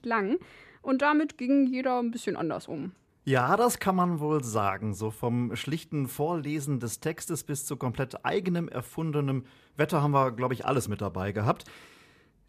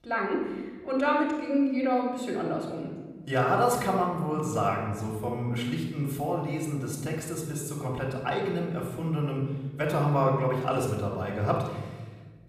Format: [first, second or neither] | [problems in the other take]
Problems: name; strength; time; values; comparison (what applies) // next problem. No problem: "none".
first | off-mic speech; far // room echo; noticeable; dies away in 1.1 s